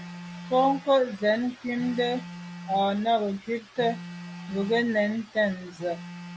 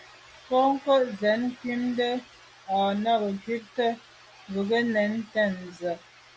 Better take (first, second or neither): second